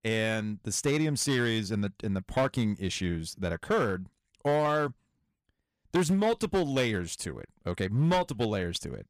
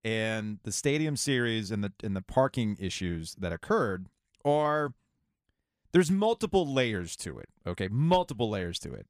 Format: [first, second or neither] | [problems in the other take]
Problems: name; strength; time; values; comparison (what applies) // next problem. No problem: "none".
second | distortion; slight; 6% of the sound clipped